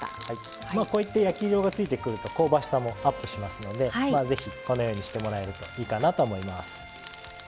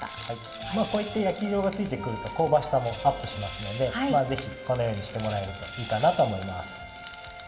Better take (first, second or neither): first